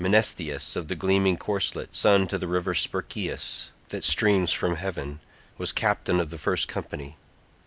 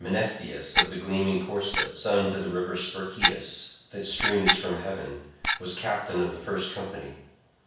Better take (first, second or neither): first